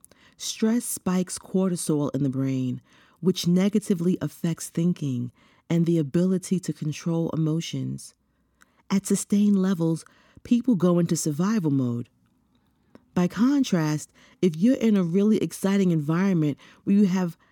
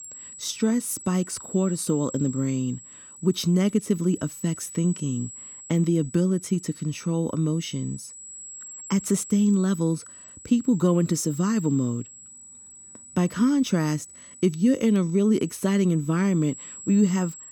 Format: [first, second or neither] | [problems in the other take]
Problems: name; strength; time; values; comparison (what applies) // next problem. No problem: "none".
first | high-pitched whine; noticeable; throughout; 7.5 kHz, 15 dB below the speech